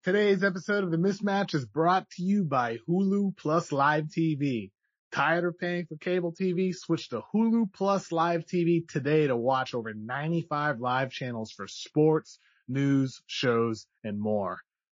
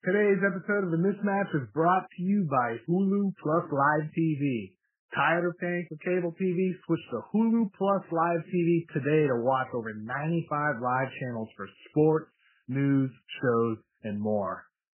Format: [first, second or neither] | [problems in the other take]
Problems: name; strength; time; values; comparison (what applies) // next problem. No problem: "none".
first | garbled, watery; badly; nothing above 3 kHz; slightly in the first